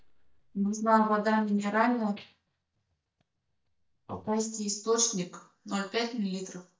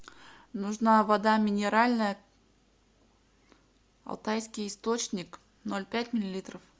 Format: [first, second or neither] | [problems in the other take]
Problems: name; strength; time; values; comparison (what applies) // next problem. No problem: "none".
second | noise reduction (neural mask model DeepFilterNet 3)